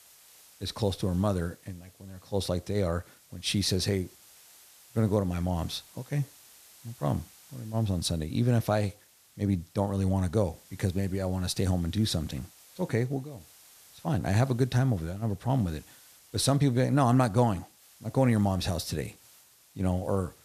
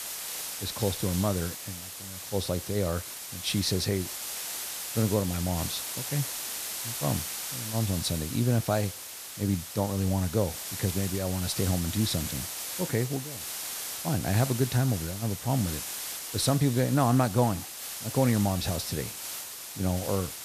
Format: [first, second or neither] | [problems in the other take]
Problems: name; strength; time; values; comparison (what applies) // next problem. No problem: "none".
first | hiss; loud; throughout; 5 dB below the speech; faint in the first